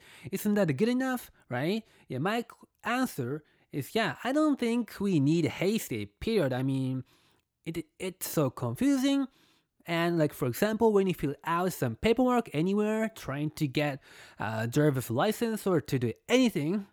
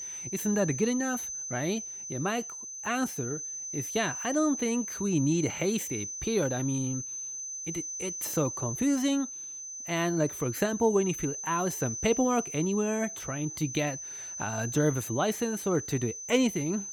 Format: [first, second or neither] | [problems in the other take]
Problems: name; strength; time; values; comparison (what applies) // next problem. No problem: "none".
first | high-pitched whine; loud; throughout; 6 kHz, 6 dB below the speech